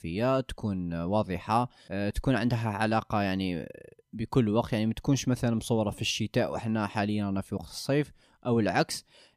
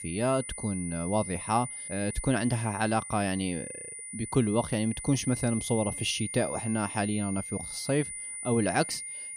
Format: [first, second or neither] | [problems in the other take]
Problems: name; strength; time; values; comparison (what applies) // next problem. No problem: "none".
first | high-pitched whine; loud; throughout; 9.5 kHz, 7 dB below the speech